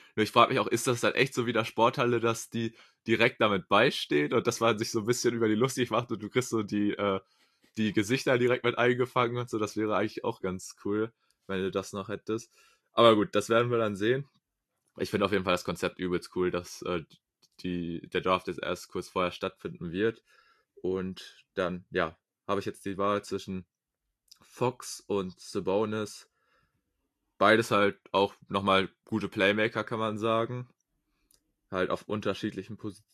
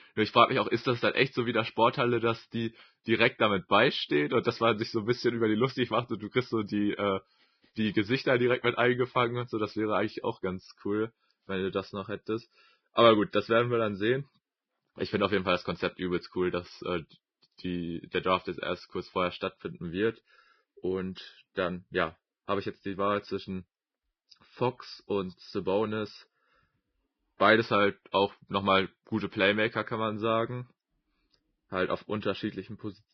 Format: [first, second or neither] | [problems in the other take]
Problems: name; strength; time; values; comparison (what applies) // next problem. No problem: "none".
first | garbled, watery; badly; nothing above 5.5 kHz; slightly in the first